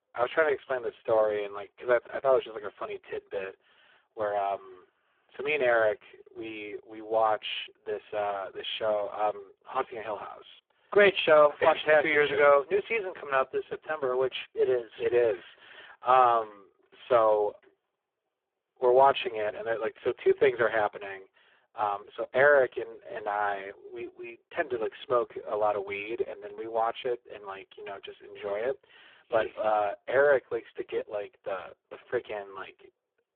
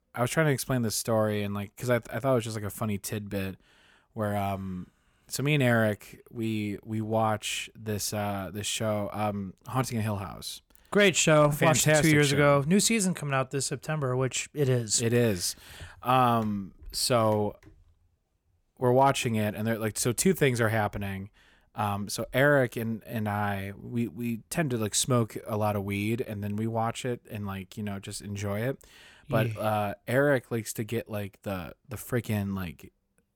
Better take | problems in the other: second | phone-call audio; poor line; nothing above 3.5 kHz

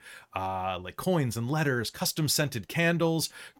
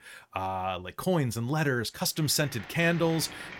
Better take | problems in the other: first | crowd noise; noticeable; from 2.5 s on; 15 dB below the speech

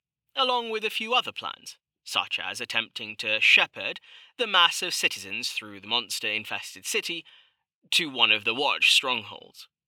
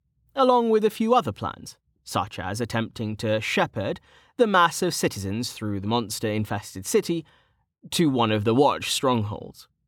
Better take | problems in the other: second | thin; somewhat; fading below 1 kHz

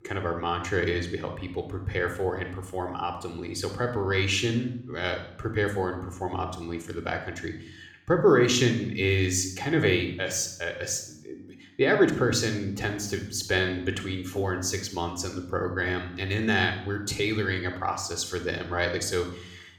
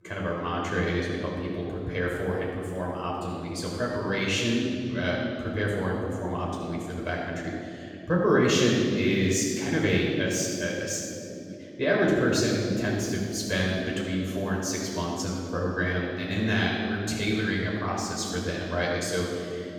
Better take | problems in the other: first | room echo; strong; dies away in 2.5 s; slight in the first // off-mic speech; far

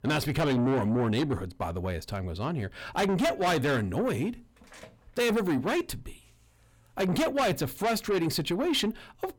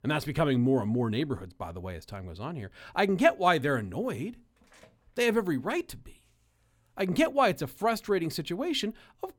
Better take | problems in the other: second | distortion; heavy; 6 dB below the speech

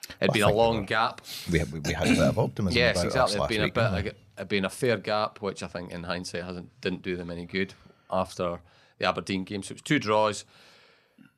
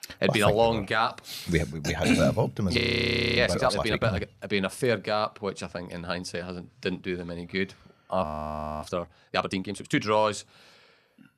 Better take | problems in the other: first | audio freezing; at 3 s for 0.5 s and at 8 s for 0.5 s

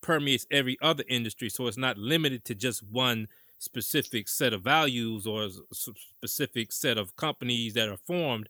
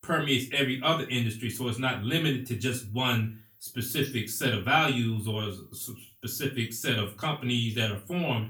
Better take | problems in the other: first | off-mic speech; far // room echo; very slight; dies away in 0.3 s

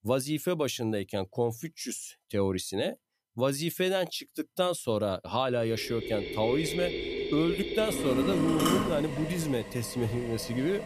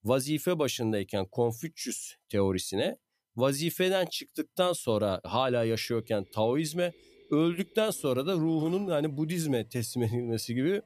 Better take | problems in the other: second | machinery noise; loud; from 6 s on; 3 dB below the speech; faint in the second

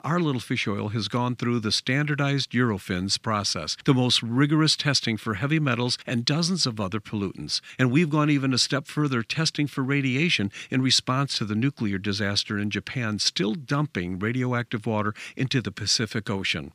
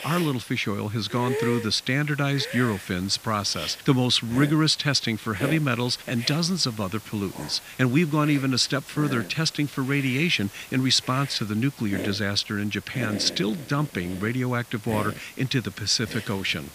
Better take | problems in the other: first | hiss; noticeable; throughout; 15 dB below the speech

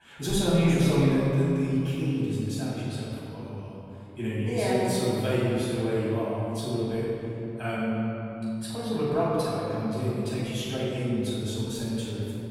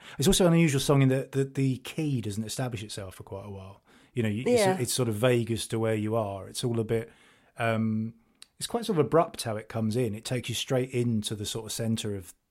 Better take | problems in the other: second | room echo; strong; dies away in 2.8 s // off-mic speech; far

